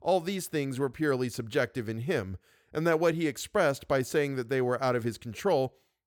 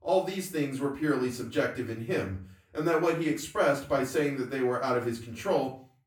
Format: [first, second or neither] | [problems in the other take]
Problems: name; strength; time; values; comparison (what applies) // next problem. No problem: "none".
first | room echo; slight; dies away in 0.3 s // off-mic speech; far